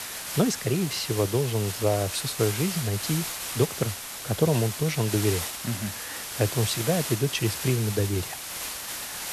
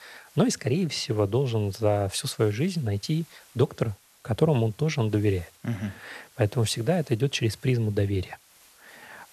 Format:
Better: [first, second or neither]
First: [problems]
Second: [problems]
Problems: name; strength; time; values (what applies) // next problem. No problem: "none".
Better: second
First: hiss; loud; throughout; 5 dB below the speech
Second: hiss; faint; throughout; 25 dB below the speech